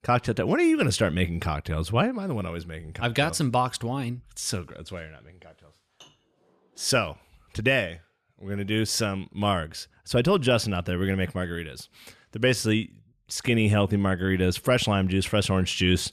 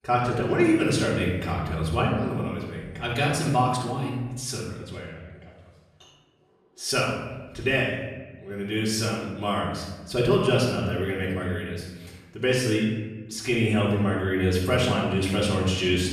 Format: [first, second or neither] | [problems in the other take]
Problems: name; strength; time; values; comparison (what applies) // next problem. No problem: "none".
first | off-mic speech; far // room echo; noticeable; dies away in 1 s